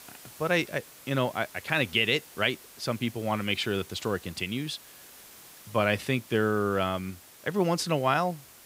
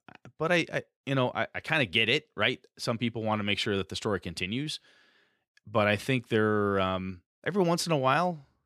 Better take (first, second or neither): second